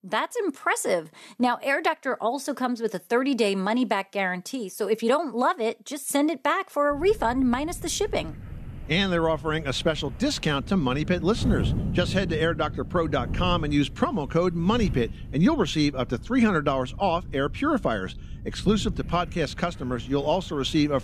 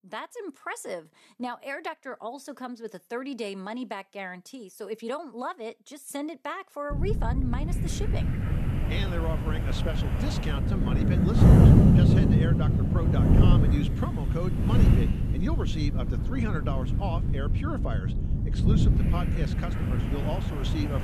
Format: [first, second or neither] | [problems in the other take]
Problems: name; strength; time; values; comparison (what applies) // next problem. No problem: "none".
first | wind noise on the microphone; heavy; from 7 s on; 2 dB above the speech; occasional gusts in the first